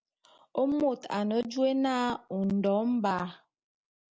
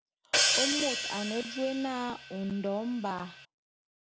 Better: first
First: none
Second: background sound (Hi-hat); 2 dB above the speech

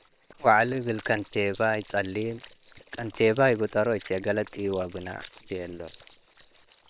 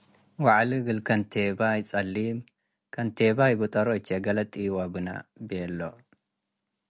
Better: second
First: noise reduction (neural separator model SepFormer WHAM!)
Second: none

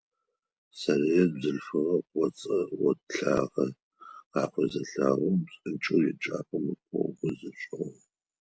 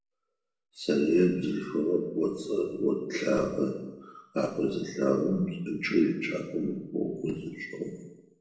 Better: first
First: none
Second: room echo; dies away in 0.8 s

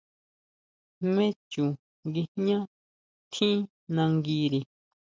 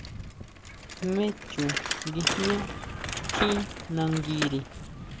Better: first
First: none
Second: background sound (Bicycle); 2 dB below the speech

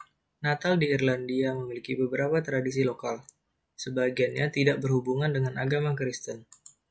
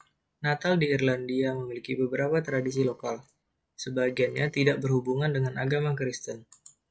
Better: first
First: none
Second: noise reduction (neural separator model SepFormer DNS4)

